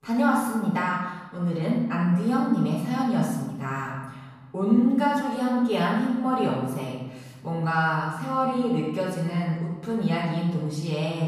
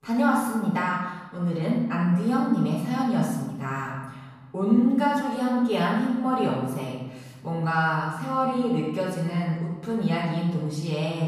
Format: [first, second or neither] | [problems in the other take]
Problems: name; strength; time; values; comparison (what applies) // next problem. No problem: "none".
neither | room echo; noticeable; dies away in 1.1 s; the same in both // off-mic speech; far; the same in both